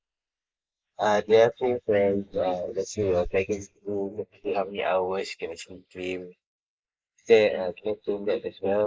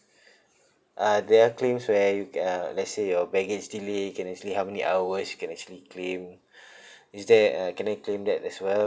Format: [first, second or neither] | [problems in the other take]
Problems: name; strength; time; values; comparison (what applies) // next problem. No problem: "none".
second | noise reduction (neural mask model Resemble Enhance denoiser)